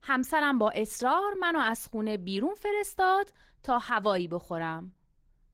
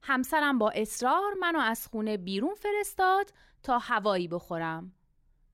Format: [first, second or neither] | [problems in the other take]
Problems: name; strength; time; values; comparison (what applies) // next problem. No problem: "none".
second | garbled, watery; slightly; nothing above 16 kHz